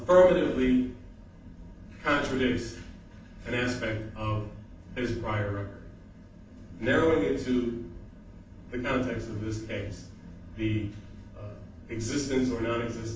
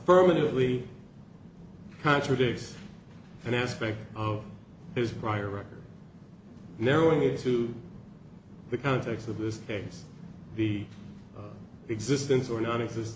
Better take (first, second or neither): second